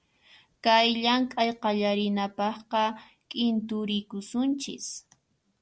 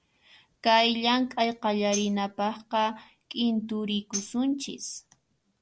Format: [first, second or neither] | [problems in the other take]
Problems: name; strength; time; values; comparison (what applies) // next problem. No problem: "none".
first | background sound (Tambourine); 14 dB below the speech